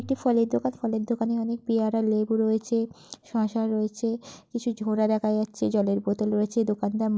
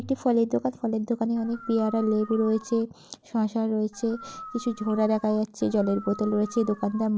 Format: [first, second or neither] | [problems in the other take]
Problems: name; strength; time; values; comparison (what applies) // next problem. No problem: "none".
first | background sound (Dog); 17 dB below the speech